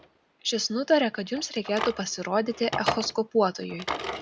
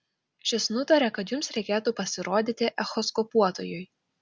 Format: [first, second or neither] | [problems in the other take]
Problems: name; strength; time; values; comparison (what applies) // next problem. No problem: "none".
second | background sound (Drawer open or close); 8 dB below the speech